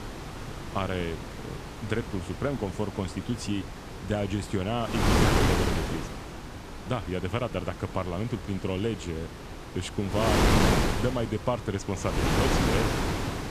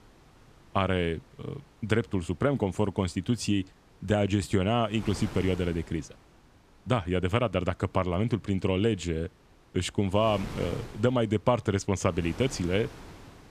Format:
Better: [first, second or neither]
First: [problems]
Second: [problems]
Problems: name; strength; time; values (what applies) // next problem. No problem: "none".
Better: second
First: wind noise on the microphone; heavy; 3 dB above the speech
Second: wind noise on the microphone; occasional gusts; 20 dB below the speech